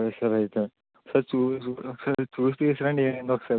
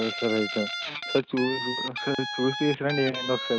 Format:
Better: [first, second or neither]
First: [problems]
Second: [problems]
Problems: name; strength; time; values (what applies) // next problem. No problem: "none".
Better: first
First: none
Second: background sound (Guitar); 5 dB below the speech